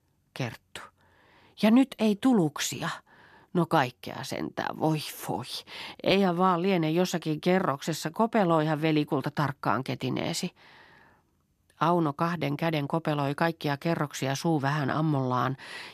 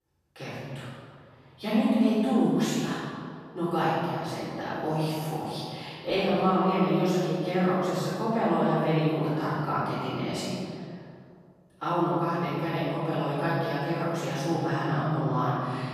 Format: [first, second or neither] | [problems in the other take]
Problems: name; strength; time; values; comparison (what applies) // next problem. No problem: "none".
first | off-mic speech; far // room echo; strong; dies away in 1.9 s